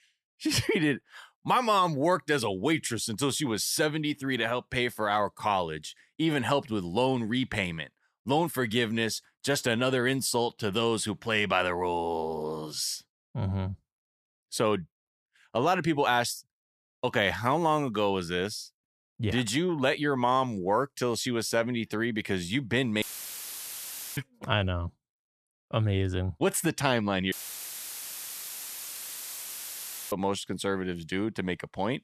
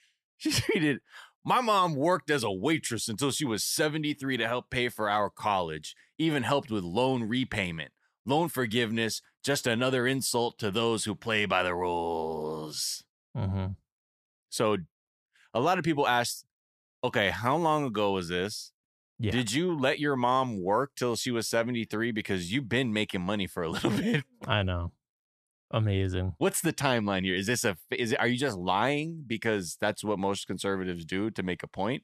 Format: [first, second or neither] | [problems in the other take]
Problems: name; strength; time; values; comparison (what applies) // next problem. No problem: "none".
second | audio cutting out; filled with static; at 23 s for 1 s and at 27 s for 3 s